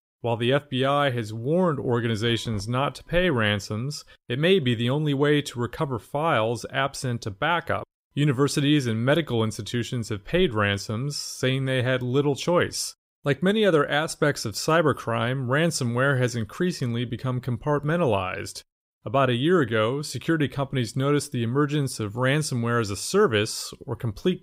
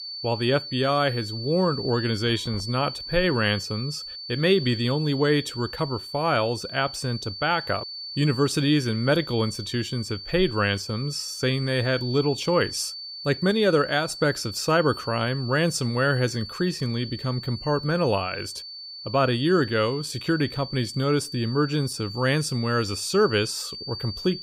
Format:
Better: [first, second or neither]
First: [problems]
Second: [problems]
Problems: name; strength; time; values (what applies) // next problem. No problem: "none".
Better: first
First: none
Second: high-pitched whine; loud; throughout; 4.5 kHz, 10 dB below the speech